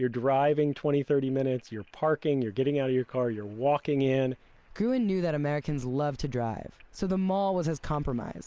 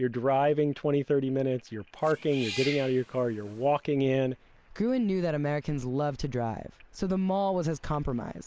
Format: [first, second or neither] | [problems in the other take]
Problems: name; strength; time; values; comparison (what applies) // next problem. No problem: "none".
first | background sound (Cat); 14 dB below the speech